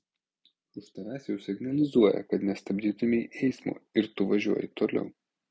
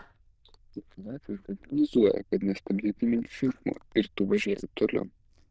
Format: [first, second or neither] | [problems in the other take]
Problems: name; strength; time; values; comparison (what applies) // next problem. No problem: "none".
first | noise reduction (neural diffusion model UNIVERSE++)